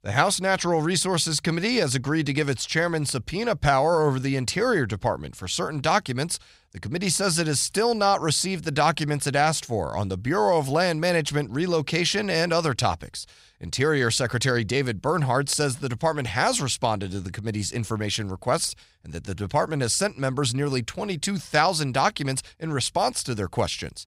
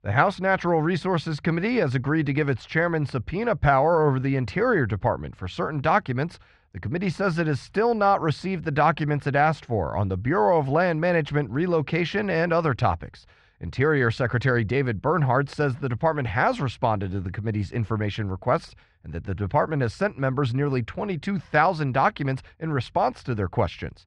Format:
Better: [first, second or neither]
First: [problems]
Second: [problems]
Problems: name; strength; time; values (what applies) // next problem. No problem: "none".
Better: first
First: none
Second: muffled; very; fading above 2 kHz